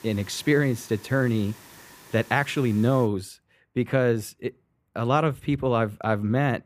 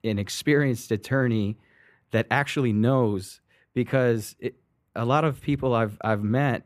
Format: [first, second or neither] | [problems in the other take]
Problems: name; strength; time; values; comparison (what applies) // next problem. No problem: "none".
second | hiss; faint; until 3 s; 20 dB below the speech